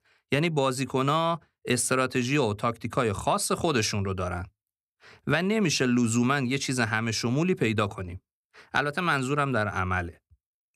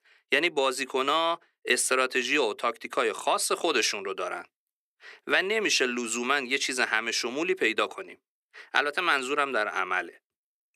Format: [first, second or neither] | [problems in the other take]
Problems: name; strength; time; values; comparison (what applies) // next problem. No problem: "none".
first | thin; somewhat; fading below 350 Hz